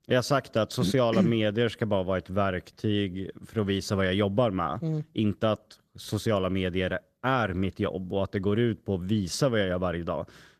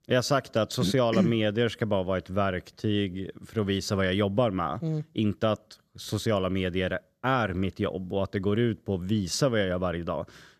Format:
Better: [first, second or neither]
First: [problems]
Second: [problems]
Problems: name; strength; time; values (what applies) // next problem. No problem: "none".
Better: second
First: garbled, watery; slightly; nothing above 14.5 kHz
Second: none